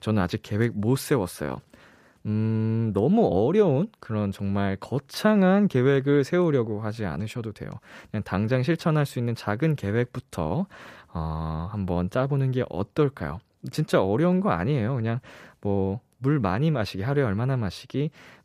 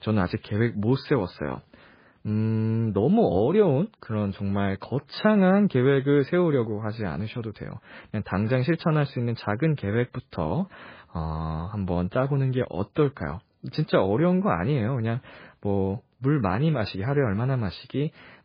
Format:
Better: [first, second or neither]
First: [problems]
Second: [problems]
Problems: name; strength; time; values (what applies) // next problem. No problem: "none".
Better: first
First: none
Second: garbled, watery; badly